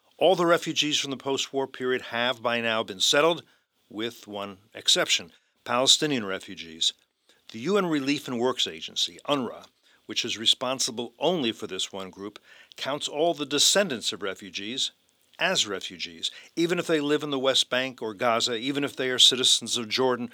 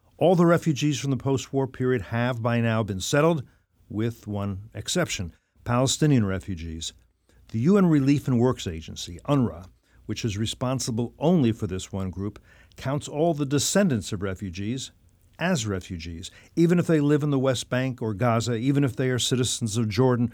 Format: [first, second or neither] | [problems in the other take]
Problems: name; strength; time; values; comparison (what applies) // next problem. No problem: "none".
second | thin; somewhat; fading below 400 Hz